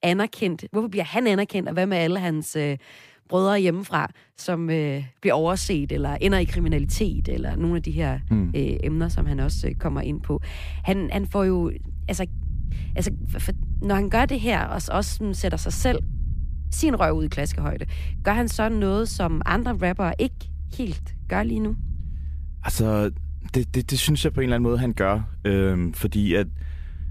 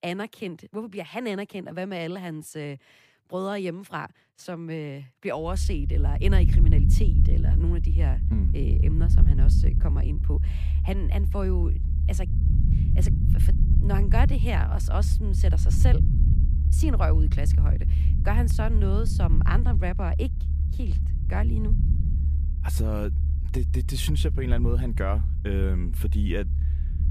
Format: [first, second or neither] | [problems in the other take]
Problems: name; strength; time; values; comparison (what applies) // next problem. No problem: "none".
first | low rumble; loud; from 5.5 s on; 6 dB below the speech; faint in the first